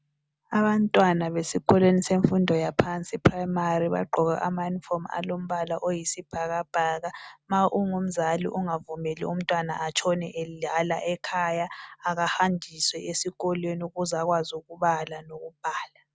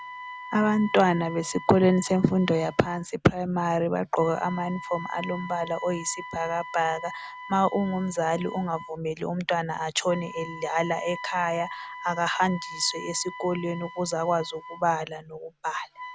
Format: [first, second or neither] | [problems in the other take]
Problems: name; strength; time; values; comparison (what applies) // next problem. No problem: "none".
first | background sound (Wind instrument, woodwind instrument); 14 dB below the speech